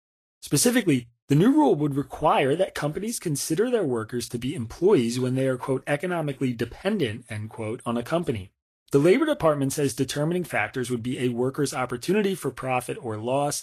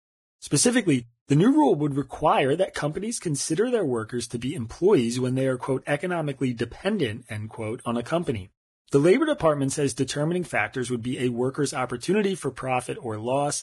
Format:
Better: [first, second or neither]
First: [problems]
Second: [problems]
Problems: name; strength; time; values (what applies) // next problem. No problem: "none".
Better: first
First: garbled, watery; slightly; nothing above 12.5 kHz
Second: garbled, watery; badly; nothing above 10.5 kHz